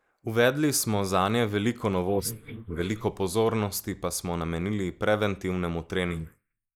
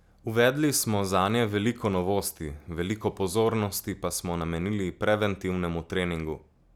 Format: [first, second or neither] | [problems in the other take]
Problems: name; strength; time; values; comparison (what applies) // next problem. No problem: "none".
second | noise reduction (neural mask model Resemble Enhance denoiser)